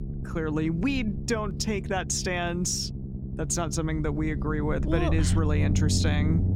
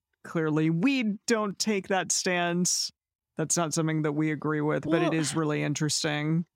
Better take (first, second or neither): second